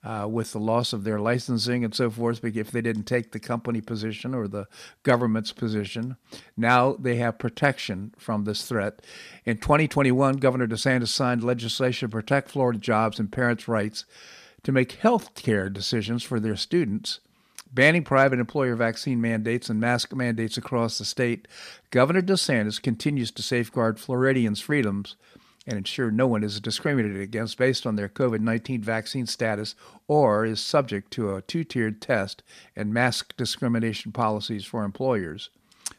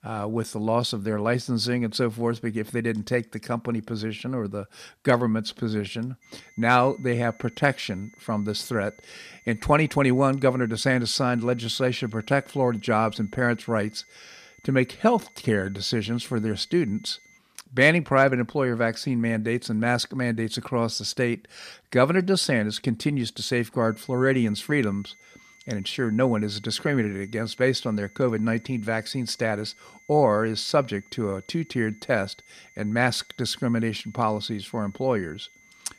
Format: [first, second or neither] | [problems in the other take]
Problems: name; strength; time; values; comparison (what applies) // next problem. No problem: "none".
first | high-pitched whine; faint; from 6 to 17 s and from 24 s on; 2 kHz, 30 dB below the speech